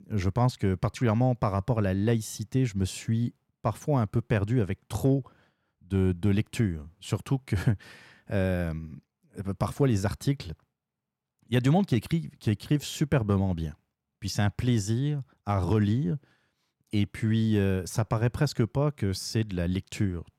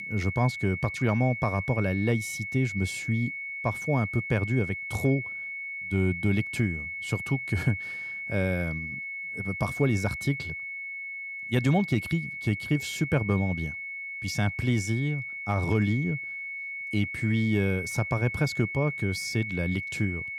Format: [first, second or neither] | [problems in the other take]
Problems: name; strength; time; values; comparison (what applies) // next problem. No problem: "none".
first | high-pitched whine; loud; throughout; 2 kHz, 5 dB below the speech